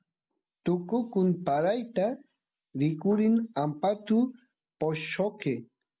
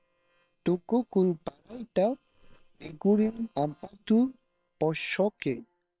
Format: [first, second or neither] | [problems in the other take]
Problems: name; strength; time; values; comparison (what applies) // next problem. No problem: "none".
first | noise reduction (neural separator model SepFormer WHAM!)